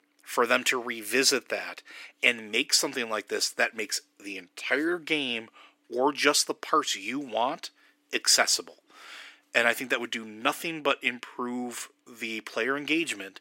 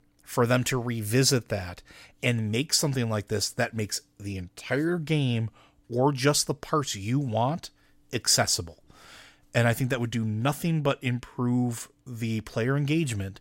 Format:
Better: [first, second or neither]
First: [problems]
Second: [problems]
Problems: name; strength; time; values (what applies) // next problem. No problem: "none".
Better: second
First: thin; somewhat; fading below 300 Hz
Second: none